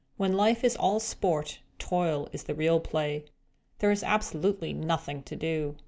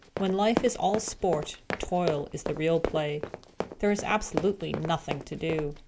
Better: first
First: none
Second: background sound (Run); 7 dB below the speech

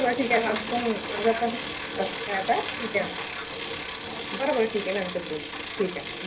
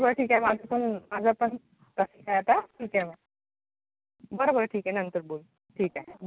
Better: second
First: background sound (Bicycle); 5 dB below the speech // room echo; dies away in 0.3 s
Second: none

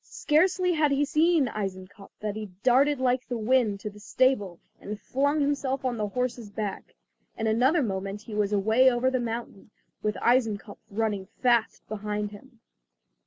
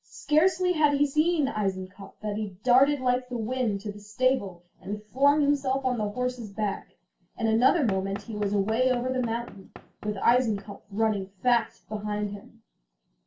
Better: first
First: none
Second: background sound (Knock / Wood); 19 dB below the speech // room echo; dies away in 0.2 s

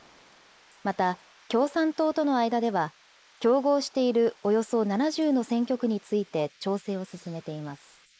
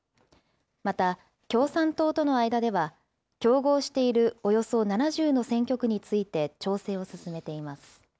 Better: second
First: noise reduction (neural mask model Resemble Enhance denoiser)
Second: none

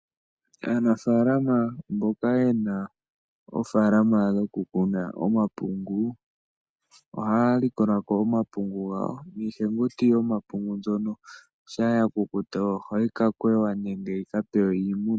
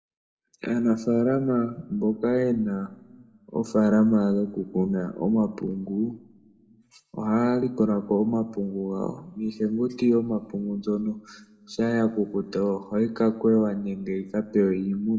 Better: first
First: none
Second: room echo; dies away in 0.7 s

